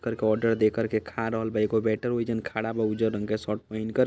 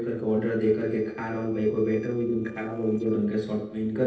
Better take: first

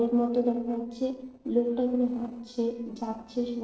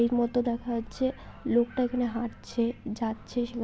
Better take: second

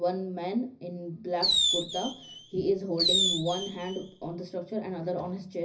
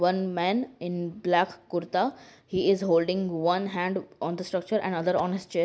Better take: second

